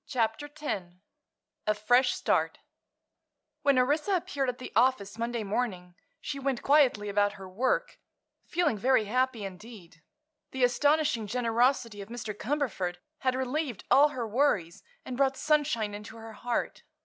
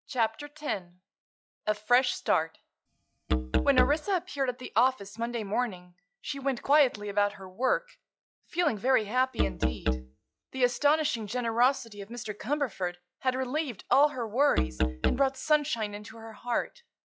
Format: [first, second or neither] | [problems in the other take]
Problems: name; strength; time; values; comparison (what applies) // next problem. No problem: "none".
first | noise reduction (classical method log-MMSE)